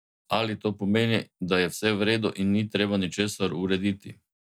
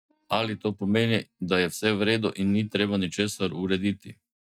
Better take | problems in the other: first | noise reduction (neural mask model DeepFilterNet 3)

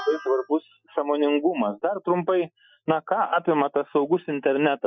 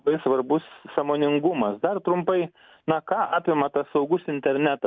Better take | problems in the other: second | noise reduction (classical method Wiener filter)

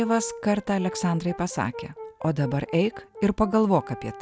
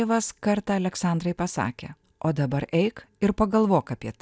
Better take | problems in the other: second | background sound (Brass instrument); 15 dB below the speech

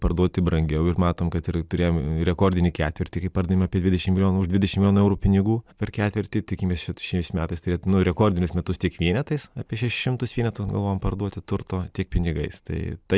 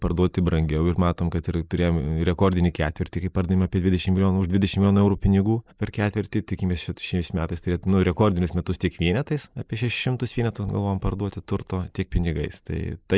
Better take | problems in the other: first | noise reduction (neural mask model Resemble Enhance denoiser)

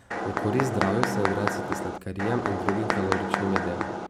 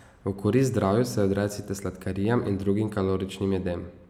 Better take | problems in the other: second | background sound (Mechanisms); 1 dB above the speech

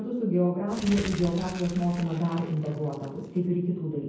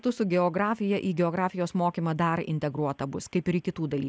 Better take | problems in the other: second | background sound (Crumpling, crinkling); 14 dB below the speech // room echo; dies away in 0.9 s

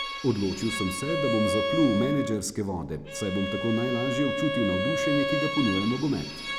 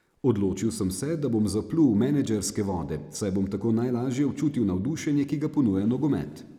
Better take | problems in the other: second | background sound (Bowed string instrument); 3 dB below the speech

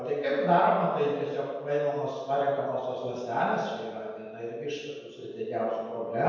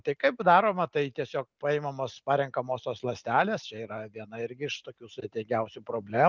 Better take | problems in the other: second | room echo; dies away in 1.2 s

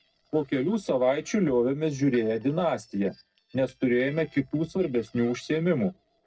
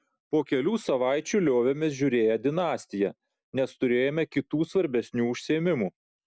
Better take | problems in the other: second | noise reduction (neural separator model SepFormer DNS4)

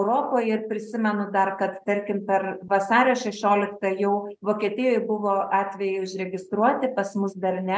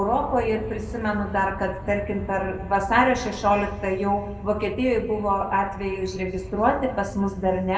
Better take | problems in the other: first | background sound (Aircraft); 12 dB below the speech // room echo; dies away in 1.7 s

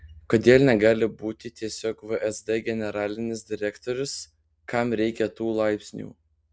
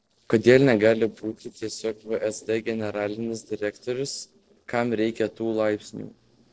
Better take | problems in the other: first | noise reduction (neural separator model SepFormer DNS4)

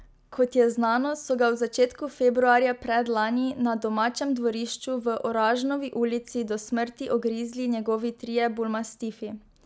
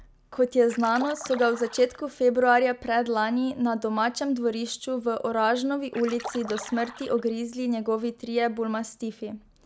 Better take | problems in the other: first | background sound (Splash, splatter); 14 dB below the speech

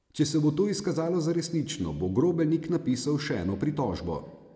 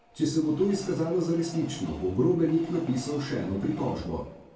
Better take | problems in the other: first | background sound (Train); 20 dB below the speech // room echo; dies away in 0.3 s

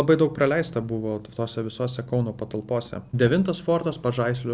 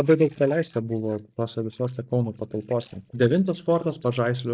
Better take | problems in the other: first | noise reduction (neural mask model DeepFilterNet 3)

